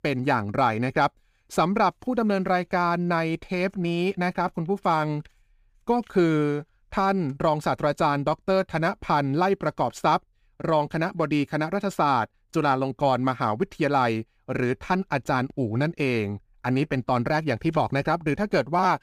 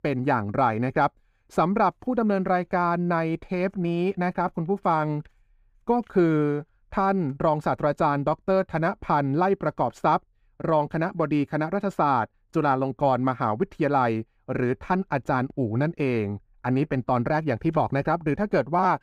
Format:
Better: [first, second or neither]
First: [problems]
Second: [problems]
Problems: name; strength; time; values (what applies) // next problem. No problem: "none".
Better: first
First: none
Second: muffled; slightly; fading above 2 kHz